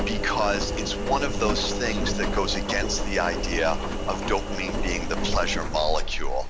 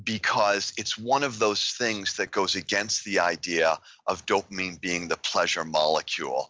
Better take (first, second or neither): second